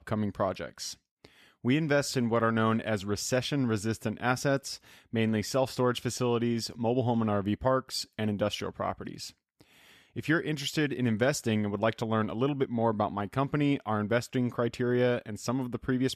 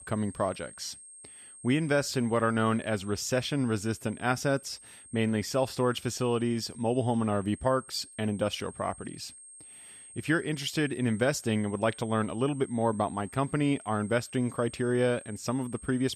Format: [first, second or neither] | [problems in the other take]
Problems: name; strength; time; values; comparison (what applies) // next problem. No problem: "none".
first | high-pitched whine; noticeable; throughout; 8.5 kHz, 20 dB below the speech